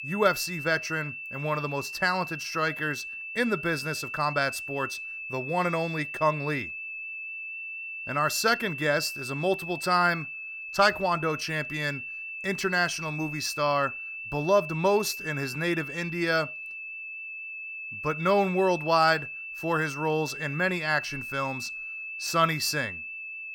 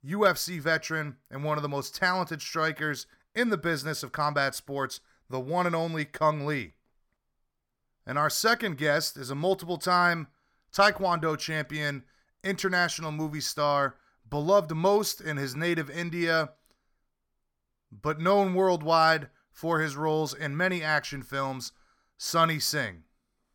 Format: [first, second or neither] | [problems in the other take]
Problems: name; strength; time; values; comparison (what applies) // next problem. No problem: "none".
second | high-pitched whine; loud; throughout; 2.5 kHz, 7 dB below the speech